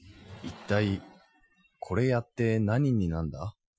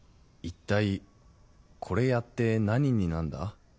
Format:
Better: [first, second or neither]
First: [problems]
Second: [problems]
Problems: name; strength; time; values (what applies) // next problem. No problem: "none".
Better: second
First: noise reduction (classical method Wiener filter)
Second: none